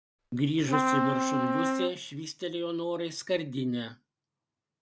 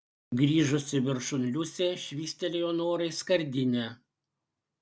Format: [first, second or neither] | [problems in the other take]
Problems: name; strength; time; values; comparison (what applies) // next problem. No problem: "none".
second | background sound (Trumpet); 3 dB above the speech